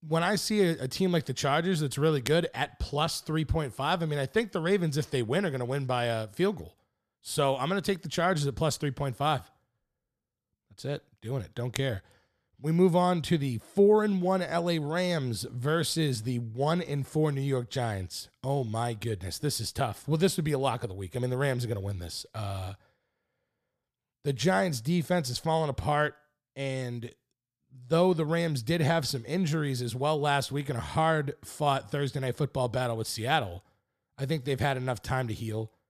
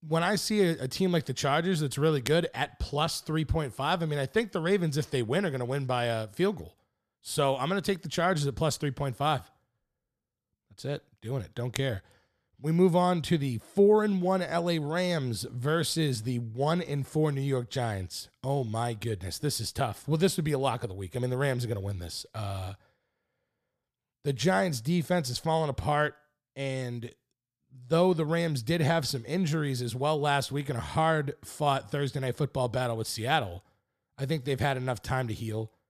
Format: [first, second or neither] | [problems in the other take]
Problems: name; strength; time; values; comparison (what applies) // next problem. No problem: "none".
neither | none